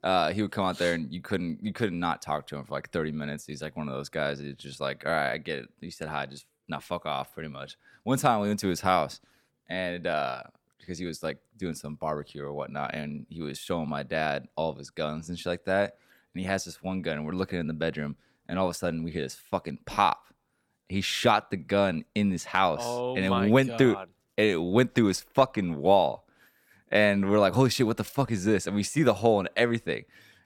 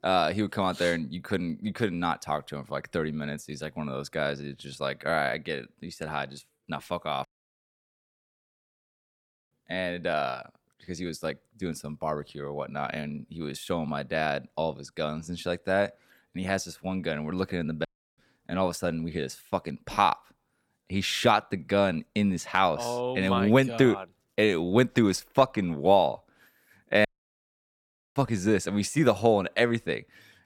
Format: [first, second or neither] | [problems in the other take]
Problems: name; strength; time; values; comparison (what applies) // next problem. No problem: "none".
first | audio cutting out; at 7.5 s for 2.5 s, at 18 s and at 27 s for 1 s